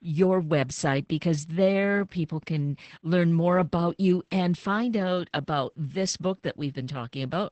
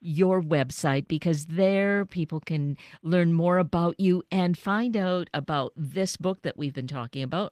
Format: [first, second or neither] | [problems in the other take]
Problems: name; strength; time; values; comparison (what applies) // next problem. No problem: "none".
second | garbled, watery; badly; nothing above 8 kHz; slightly in the second